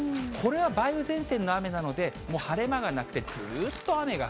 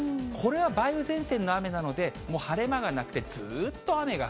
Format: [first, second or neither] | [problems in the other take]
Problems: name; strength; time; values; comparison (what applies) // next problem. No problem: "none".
second | background sound (Tearing); 19 dB below the speech